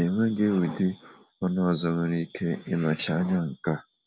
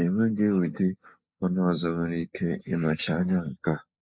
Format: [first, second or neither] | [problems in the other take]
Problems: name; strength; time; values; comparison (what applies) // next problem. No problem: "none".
first | noise reduction (neural mask model Resemble Enhance denoiser)